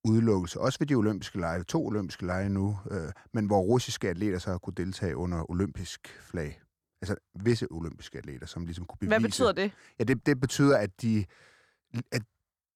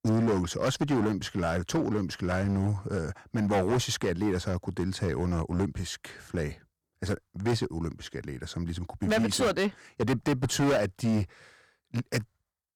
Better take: first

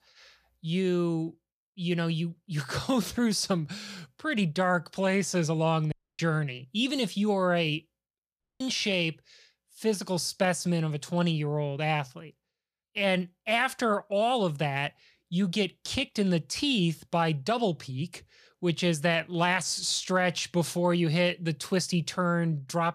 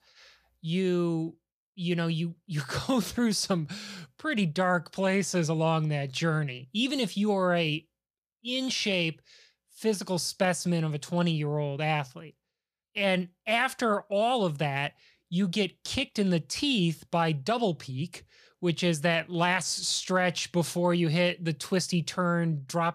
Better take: second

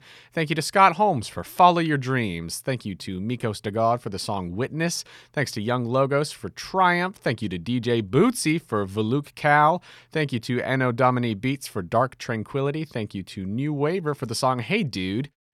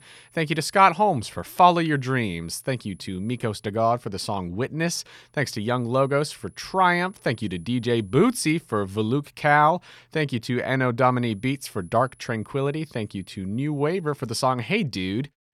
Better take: first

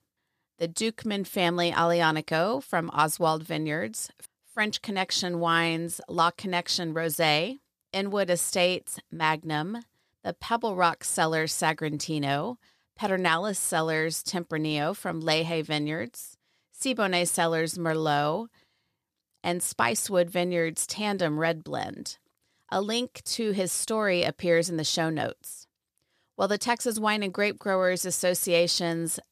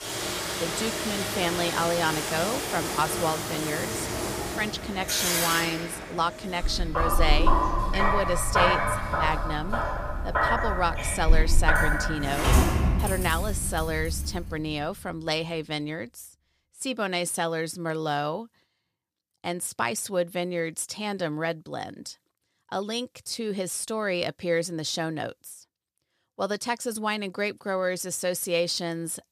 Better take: first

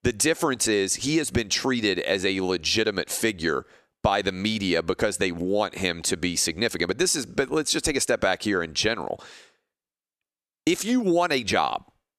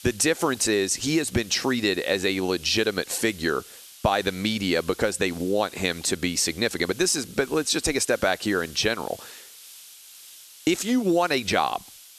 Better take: first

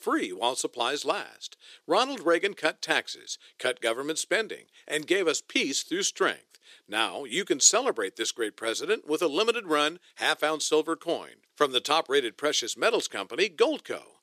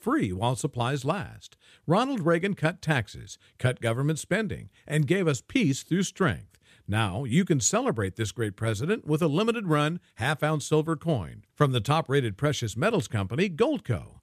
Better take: second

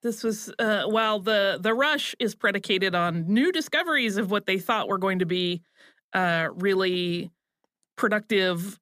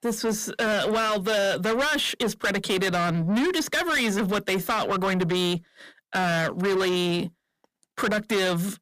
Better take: first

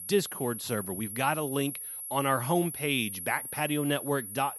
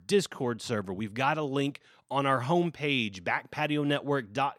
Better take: second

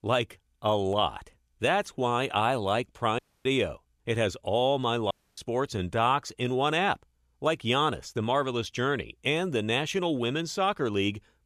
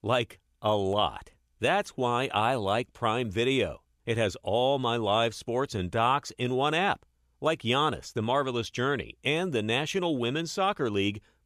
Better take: second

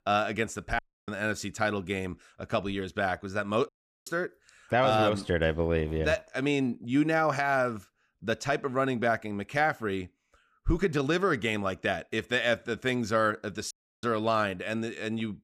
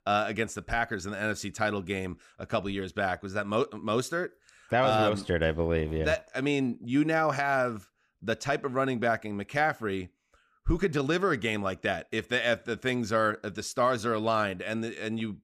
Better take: second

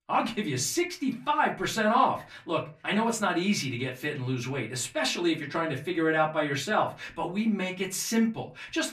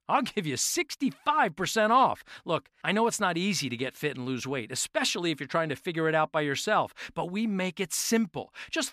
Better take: second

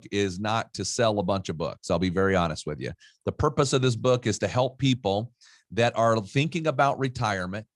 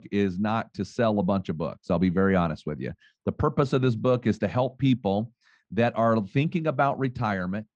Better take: first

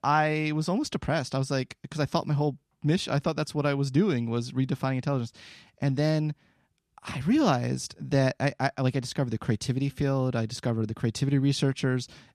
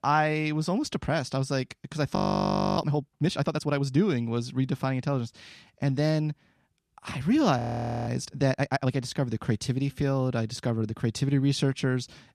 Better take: first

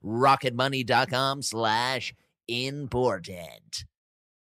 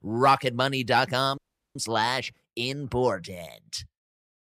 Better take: first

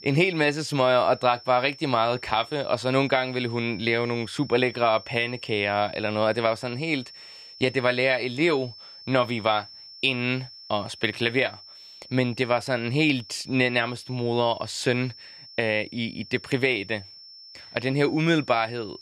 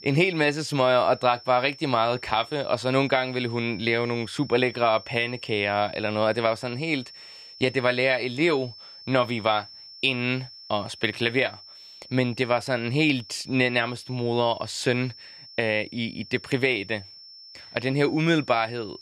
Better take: neither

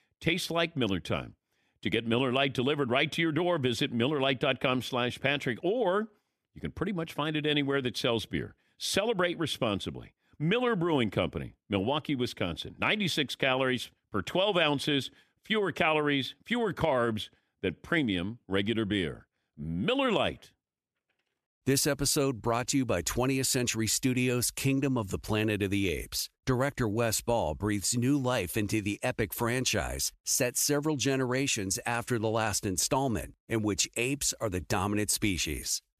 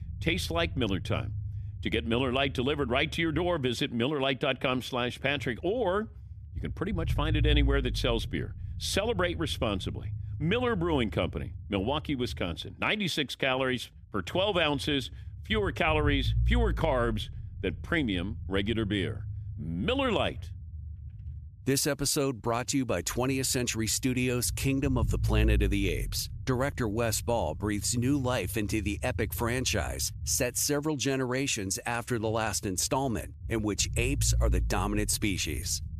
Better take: first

